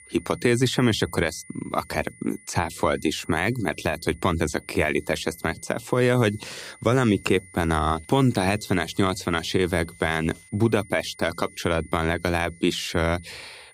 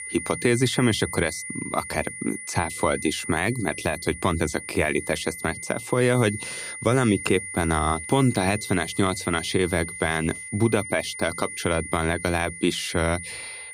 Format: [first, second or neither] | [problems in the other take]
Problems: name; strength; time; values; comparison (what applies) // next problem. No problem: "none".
first | high-pitched whine; loud; throughout; 2 kHz, 9 dB below the speech; faint in the first